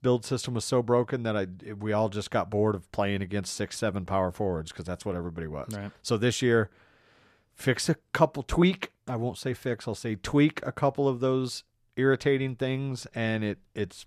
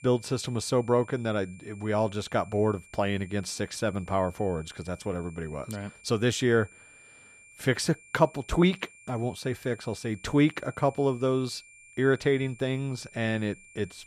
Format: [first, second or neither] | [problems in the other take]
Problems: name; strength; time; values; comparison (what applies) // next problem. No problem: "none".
first | high-pitched whine; faint; throughout; 2.5 kHz, 25 dB below the speech